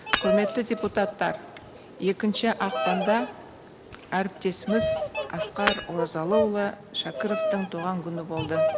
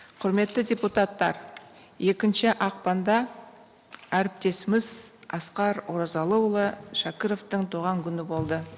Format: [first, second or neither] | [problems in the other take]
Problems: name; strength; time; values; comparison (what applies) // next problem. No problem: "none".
second | background sound (Bird vocalization, bird call, bird song + Shatter / Hammer); 2 dB below the speech